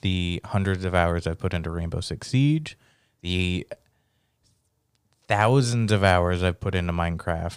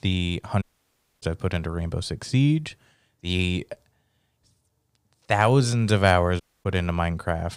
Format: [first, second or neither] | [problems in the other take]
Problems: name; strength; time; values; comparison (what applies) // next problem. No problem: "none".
first | audio cutting out; at 0.5 s for 0.5 s and at 6.5 s